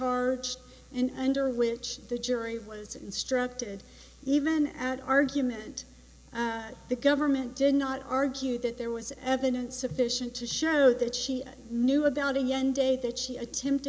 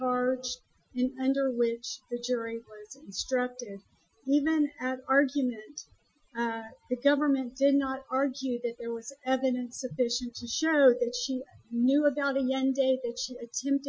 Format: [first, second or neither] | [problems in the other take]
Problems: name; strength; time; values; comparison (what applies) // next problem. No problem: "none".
first | noise reduction (classical method Wiener filter)